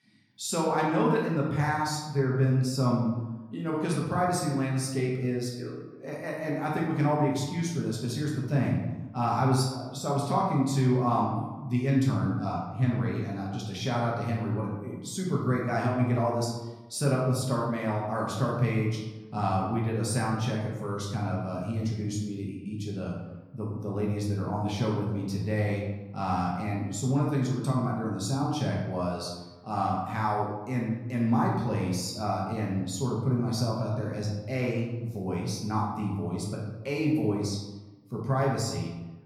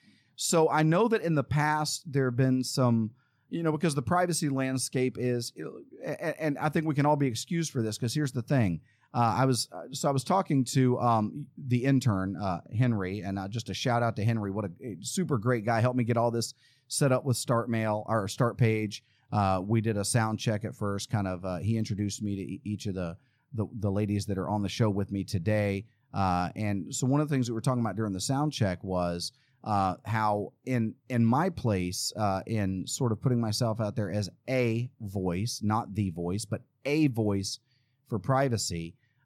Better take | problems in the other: second | room echo; noticeable; dies away in 0.9 s // off-mic speech; far

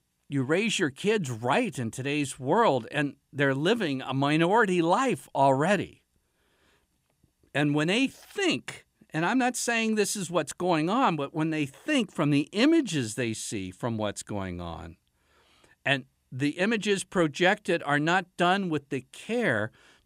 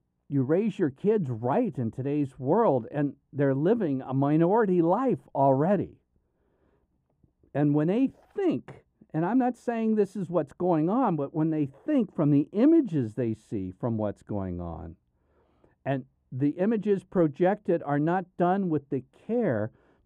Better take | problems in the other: first | muffled; very; fading above 1.5 kHz

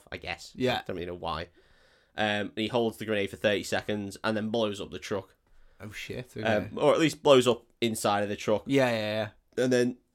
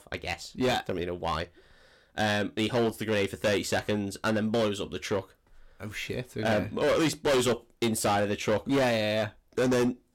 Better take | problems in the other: first | distortion; heavy; 11% of the sound clipped

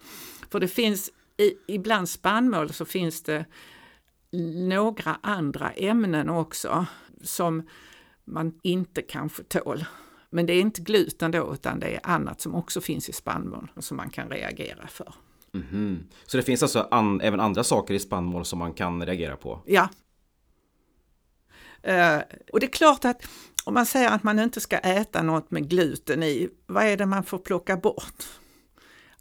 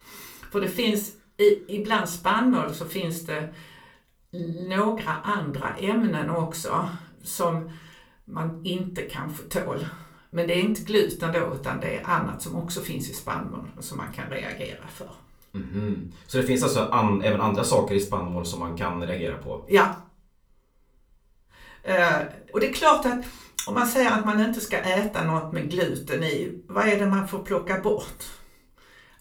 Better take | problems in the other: first | off-mic speech; somewhat distant // room echo; very slight; dies away in 0.3 s

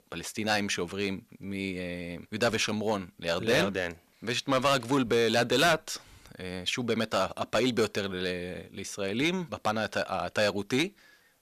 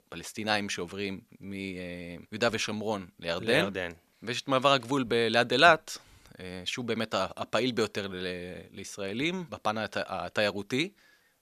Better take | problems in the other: second | distortion; heavy; 3% of the sound clipped

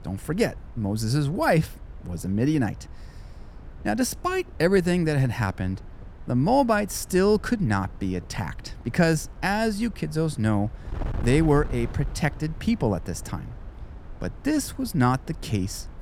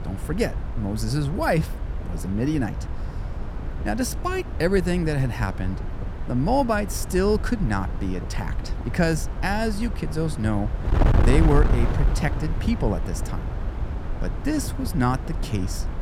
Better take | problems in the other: first | wind noise on the microphone; heavy; 9 dB below the speech; occasional gusts in the first

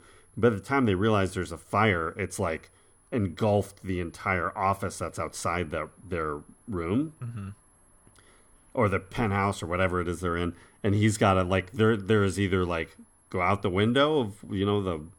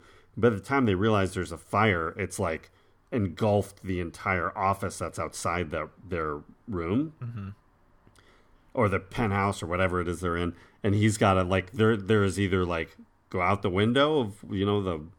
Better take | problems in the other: second | high-pitched whine; faint; throughout; 11 kHz, 35 dB below the speech

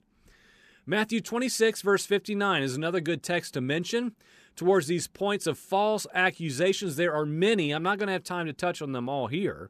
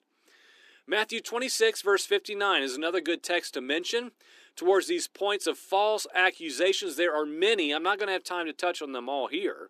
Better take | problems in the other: first | thin; somewhat; fading below 300 Hz

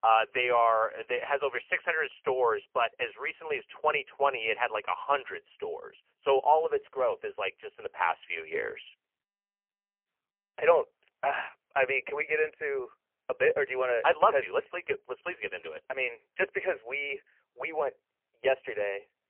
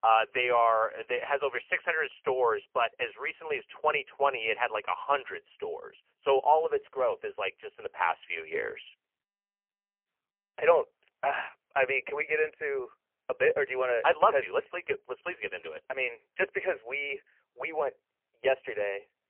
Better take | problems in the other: neither | phone-call audio; poor line; nothing above 3 kHz; the same in both

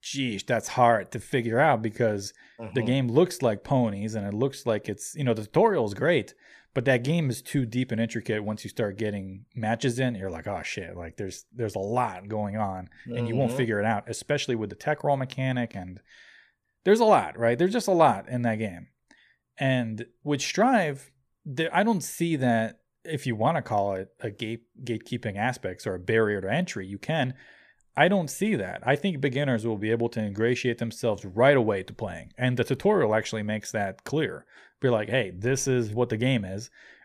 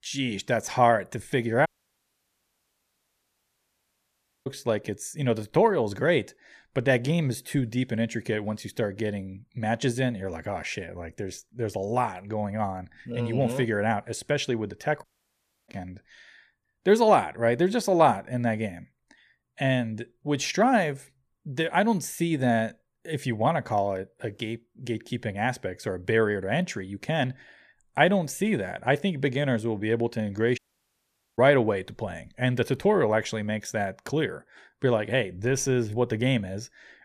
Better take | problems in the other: first | audio cutting out; at 1.5 s for 3 s, at 15 s for 0.5 s and at 31 s for 1 s

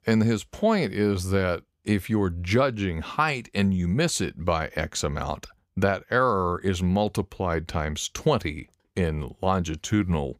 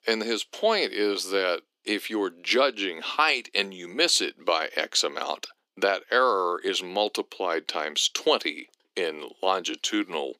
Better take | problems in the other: first | thin; very; fading below 300 Hz

